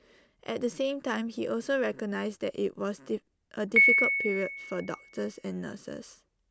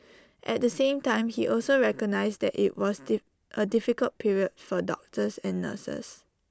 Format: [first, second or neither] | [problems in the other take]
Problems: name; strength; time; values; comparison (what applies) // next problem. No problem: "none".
second | background sound (Piano); as loud as the speech